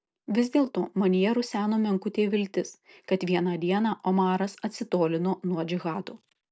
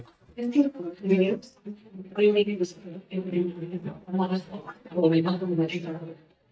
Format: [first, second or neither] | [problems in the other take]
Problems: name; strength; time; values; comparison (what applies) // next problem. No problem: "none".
first | noise reduction (neural mask model DeepFilterNet 3)